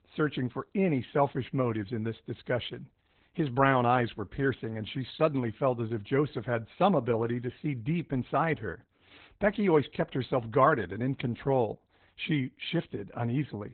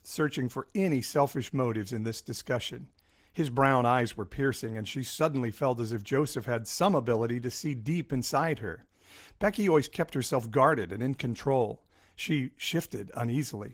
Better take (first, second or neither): second